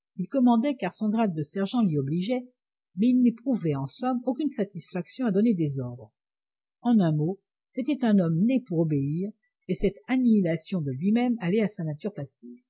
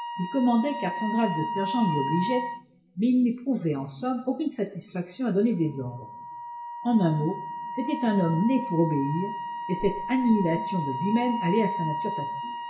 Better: first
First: none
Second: background sound (Wind instrument, woodwind instrument); 7 dB below the speech // room echo; dies away in 0.7 s

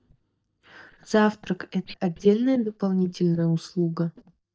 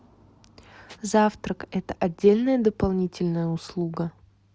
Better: second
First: noise reduction (neural mask model DeepFilterNet 3)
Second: none

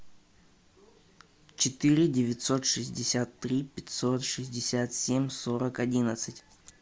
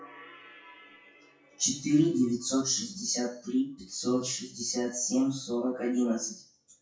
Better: first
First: none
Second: noise reduction (classical method WPE with log-MMSE)

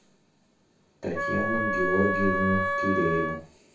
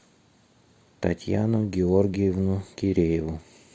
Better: second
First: background sound (Wind instrument, woodwind instrument); 1 dB above the speech // room echo; dies away in 0.3 s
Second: none

